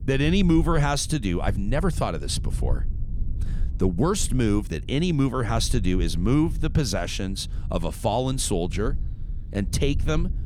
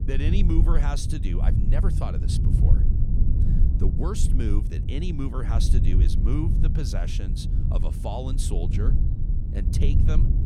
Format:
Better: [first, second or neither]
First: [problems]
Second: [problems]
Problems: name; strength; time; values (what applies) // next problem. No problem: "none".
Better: first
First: low rumble; faint; throughout; 20 dB below the speech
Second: low rumble; loud; throughout; 3 dB below the speech